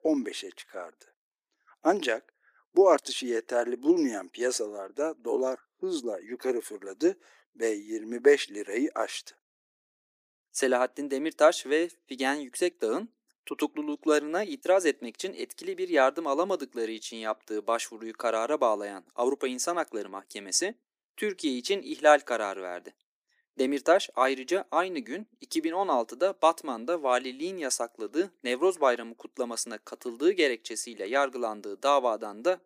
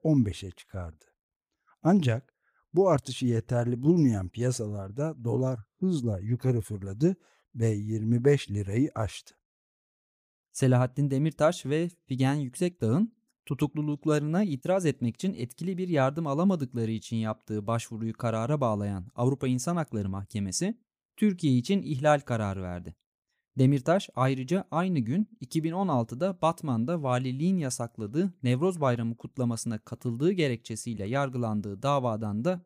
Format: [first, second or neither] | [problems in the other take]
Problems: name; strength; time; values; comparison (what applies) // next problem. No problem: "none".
second | thin; very; fading below 300 Hz